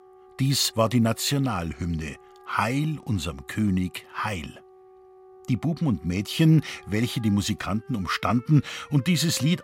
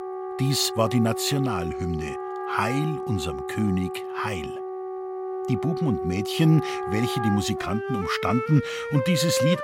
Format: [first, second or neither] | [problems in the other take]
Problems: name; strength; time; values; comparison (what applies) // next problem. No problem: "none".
first | background music; loud; throughout; 5 dB below the speech; faint in the first